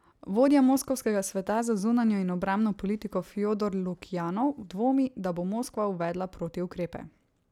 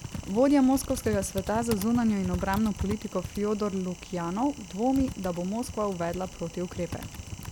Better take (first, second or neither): first